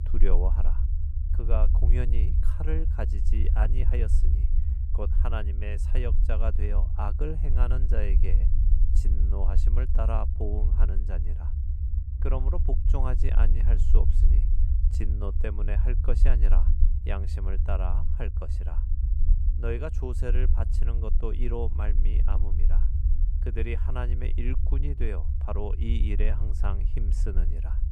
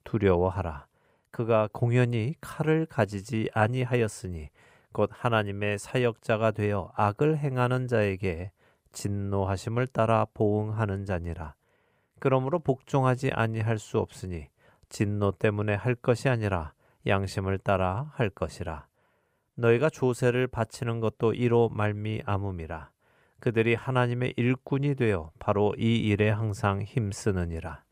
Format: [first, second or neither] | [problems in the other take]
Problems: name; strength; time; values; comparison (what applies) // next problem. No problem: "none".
second | low rumble; loud; throughout; 8 dB below the speech